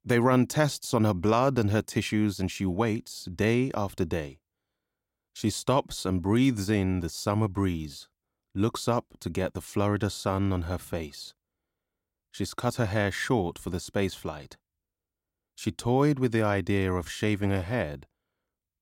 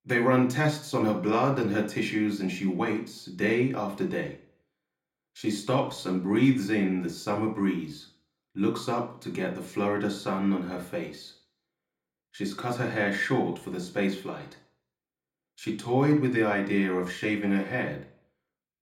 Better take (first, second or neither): first